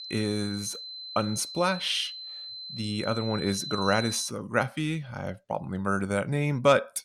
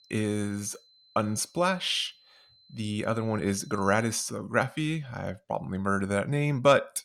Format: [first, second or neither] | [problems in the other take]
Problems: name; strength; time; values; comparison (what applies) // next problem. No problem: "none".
second | high-pitched whine; loud; until 4.5 s; 4 kHz, 8 dB below the speech; faint in the second